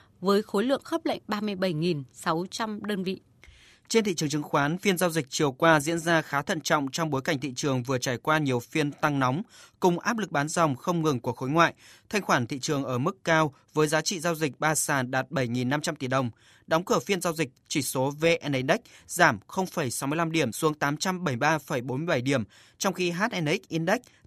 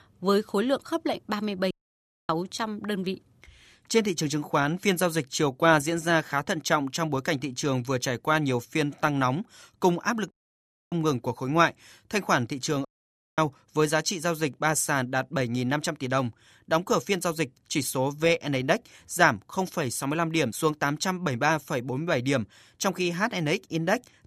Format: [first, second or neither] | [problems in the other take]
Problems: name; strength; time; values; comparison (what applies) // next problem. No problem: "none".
first | audio cutting out; at 1.5 s for 0.5 s, at 10 s for 0.5 s and at 13 s for 0.5 s